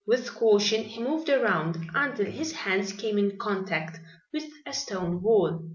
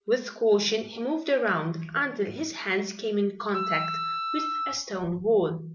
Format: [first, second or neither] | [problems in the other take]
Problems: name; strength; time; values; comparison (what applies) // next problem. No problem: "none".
first | background sound (Wind instrument, woodwind instrument); 4 dB below the speech